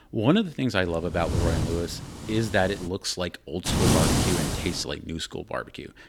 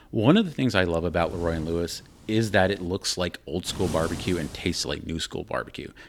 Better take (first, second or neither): second